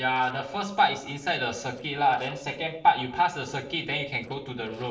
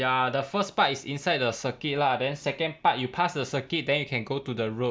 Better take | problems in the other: second | noise reduction (neural separator model SepFormer DNS4)

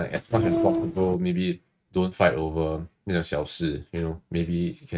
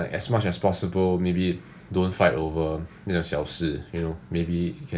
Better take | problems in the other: second | noise reduction (neural mask model RNNoise)

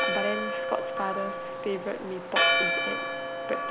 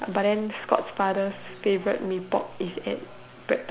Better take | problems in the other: second | background sound (Church bell); 5 dB above the speech

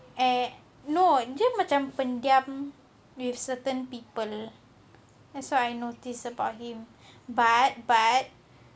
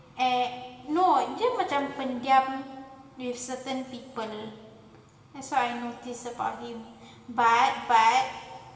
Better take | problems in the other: first | room echo; dies away in 2.1 s

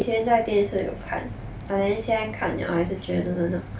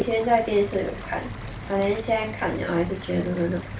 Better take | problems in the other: first | background sound (Stream); 19 dB below the speech

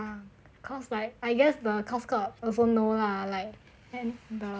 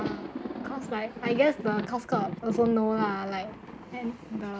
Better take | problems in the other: first | background sound (Thunder); 7 dB below the speech

